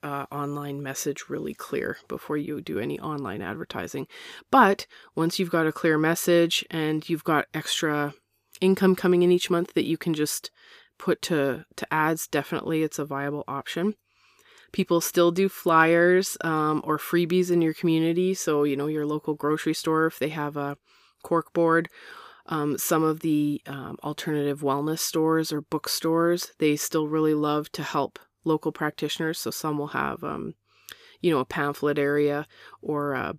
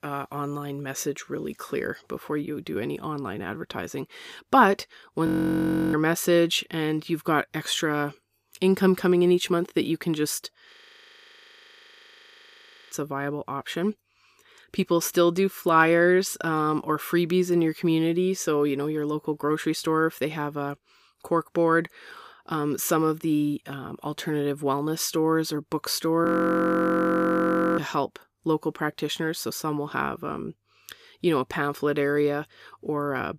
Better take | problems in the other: first | audio freezing; at 5.5 s for 0.5 s, at 11 s for 2 s and at 26 s for 1.5 s

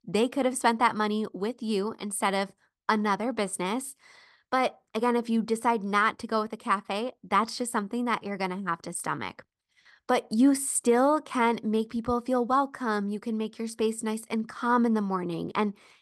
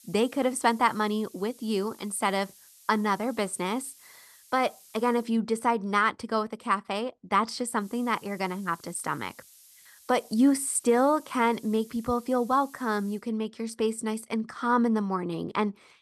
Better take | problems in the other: first | hiss; faint; until 5.5 s and from 8 to 13 s; 25 dB below the speech

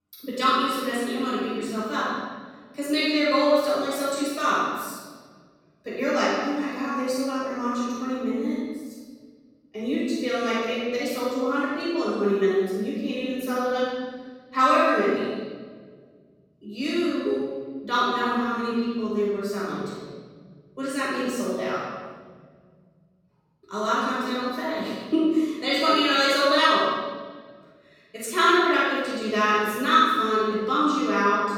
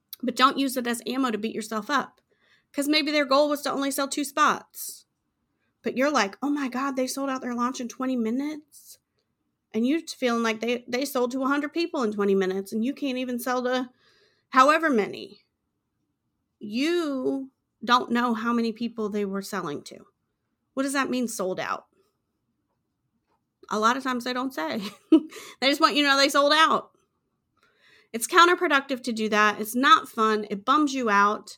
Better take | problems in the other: second | off-mic speech; far // room echo; strong; dies away in 2.2 s

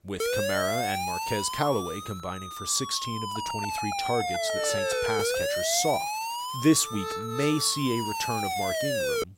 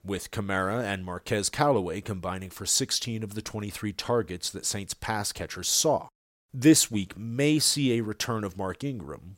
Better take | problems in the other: second | siren; loud; peak 3 dB above the speech

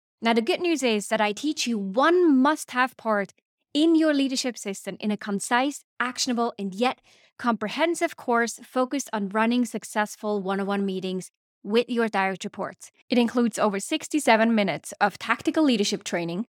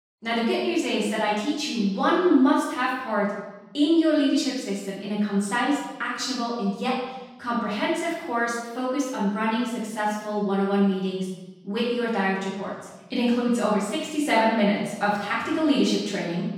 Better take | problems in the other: first | room echo; noticeable; dies away in 1.1 s // off-mic speech; far

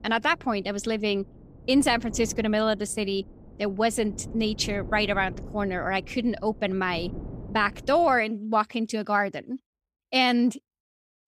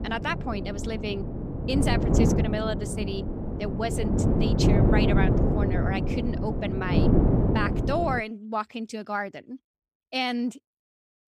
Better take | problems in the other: first | wind noise on the microphone; heavy; until 8 s; 1 dB below the speech; occasional gusts in the first

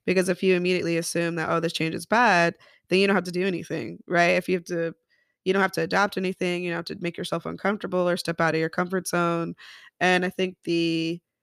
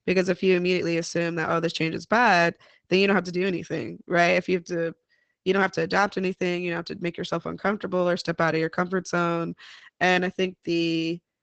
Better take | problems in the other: first | garbled, watery; badly

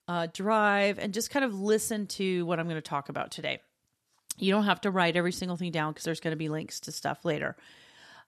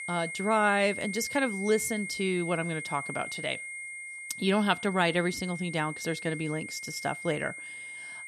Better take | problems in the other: first | high-pitched whine; loud; throughout; 2 kHz, 7 dB below the speech

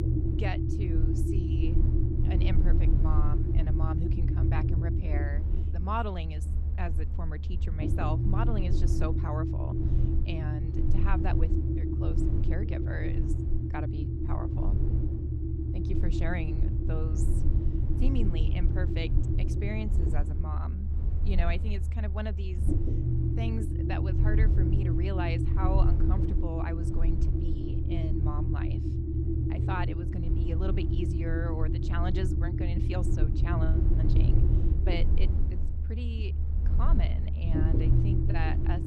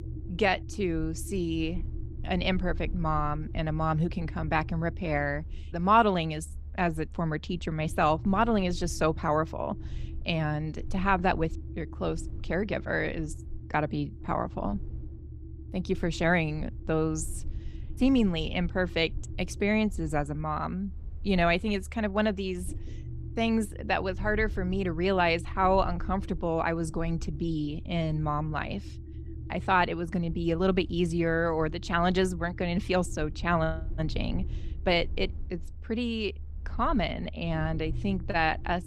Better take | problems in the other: second | low rumble; loud; throughout; 1 dB below the speech; faint in the second

